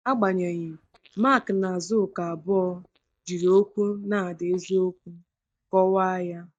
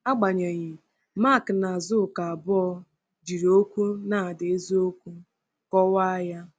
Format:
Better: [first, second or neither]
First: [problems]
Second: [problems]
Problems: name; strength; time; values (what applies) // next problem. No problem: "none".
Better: second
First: noise reduction (neural mask model DeepFilterNet 3)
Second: none